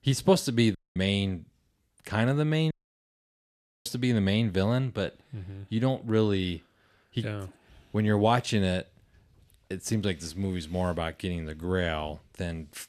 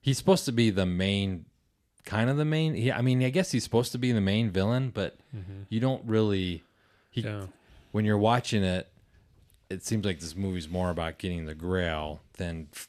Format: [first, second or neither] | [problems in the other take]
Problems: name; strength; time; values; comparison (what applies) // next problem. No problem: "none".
second | audio cutting out; at 1 s and at 2.5 s for 1 s